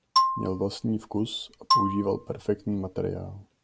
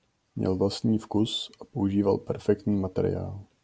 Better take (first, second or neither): second